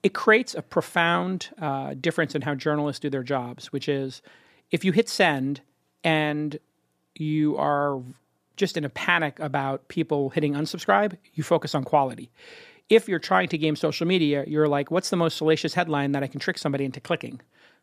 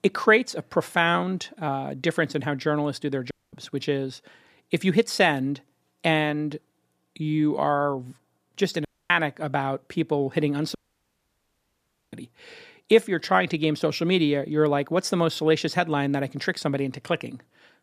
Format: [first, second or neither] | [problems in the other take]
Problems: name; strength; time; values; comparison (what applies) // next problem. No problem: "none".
first | audio cutting out; at 3.5 s, at 9 s and at 11 s for 1.5 s